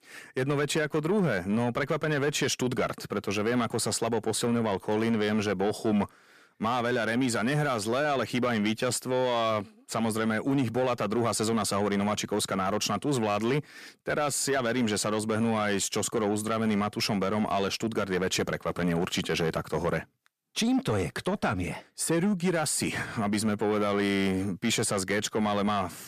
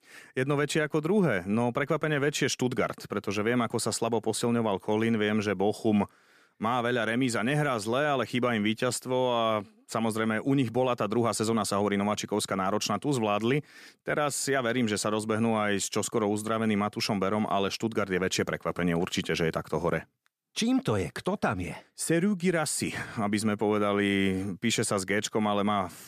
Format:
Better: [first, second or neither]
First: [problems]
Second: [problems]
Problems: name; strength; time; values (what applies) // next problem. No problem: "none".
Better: second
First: distortion; slight; 10 dB below the speech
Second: none